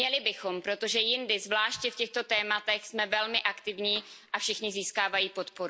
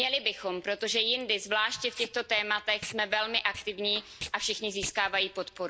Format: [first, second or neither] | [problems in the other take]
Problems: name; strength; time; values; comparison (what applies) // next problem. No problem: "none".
first | background sound (Packing tape, duct tape); 17 dB below the speech